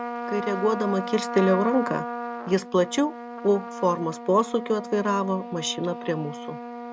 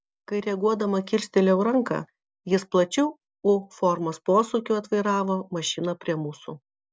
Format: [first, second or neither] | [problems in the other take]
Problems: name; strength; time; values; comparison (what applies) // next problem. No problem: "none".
second | background sound (Trumpet); 8 dB below the speech